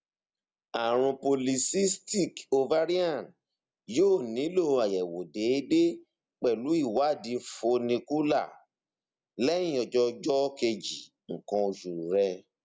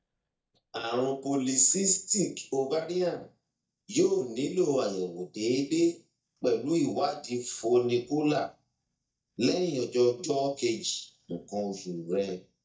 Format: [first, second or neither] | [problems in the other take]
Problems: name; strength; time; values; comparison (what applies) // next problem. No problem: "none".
first | noise reduction (neural mask model DeepFilterNet 3)